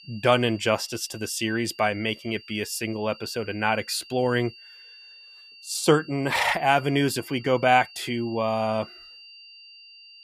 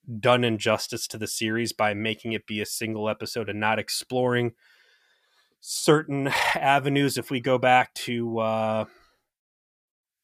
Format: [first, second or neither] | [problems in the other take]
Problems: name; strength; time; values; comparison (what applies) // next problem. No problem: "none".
second | high-pitched whine; faint; throughout; 4.5 kHz, 20 dB below the speech